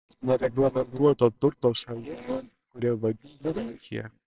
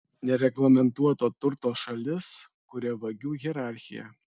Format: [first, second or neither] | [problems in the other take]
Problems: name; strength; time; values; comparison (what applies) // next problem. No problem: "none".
second | noise reduction (neural separator model SepFormer WHAMR!)